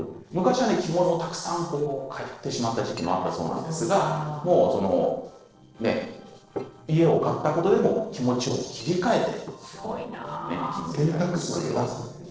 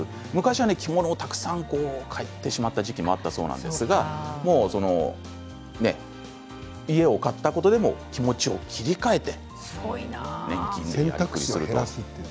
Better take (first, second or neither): second